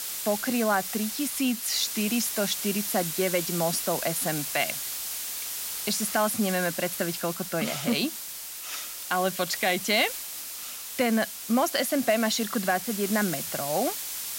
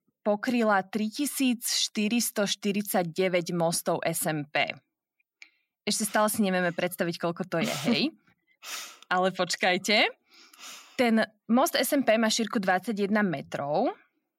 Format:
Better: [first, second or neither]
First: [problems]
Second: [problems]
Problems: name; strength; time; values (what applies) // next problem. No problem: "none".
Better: second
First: hiss; loud; throughout; 4 dB below the speech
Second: none